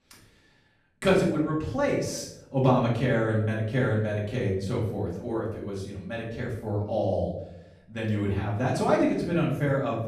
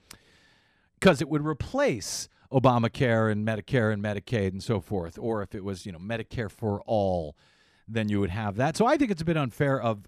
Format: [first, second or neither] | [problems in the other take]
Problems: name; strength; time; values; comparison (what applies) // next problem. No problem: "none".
second | room echo; noticeable; dies away in 0.6 s // off-mic speech; far